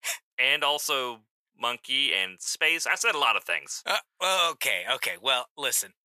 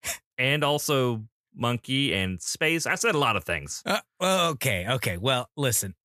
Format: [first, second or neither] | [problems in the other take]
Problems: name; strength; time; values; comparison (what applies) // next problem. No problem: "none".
second | thin; very; fading below 650 Hz